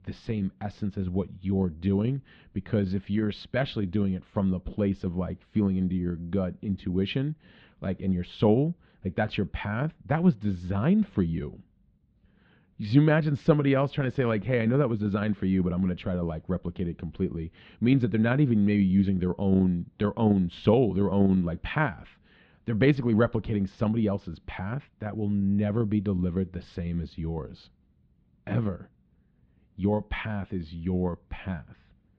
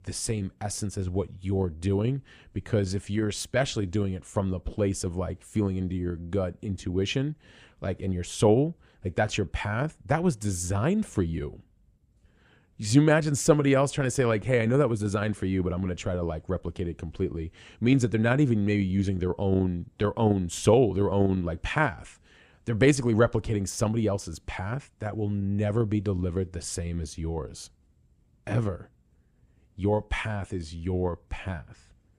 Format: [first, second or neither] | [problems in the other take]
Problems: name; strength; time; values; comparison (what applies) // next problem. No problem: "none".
second | muffled; slightly; fading above 4 kHz